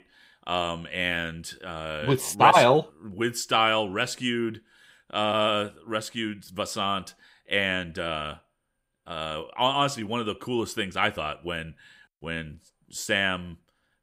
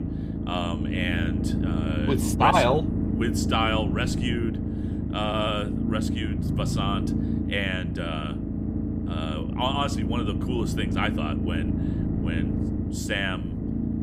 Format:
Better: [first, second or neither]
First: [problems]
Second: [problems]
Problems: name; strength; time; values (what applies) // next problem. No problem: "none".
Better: first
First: none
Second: low rumble; loud; throughout; 7 dB below the speech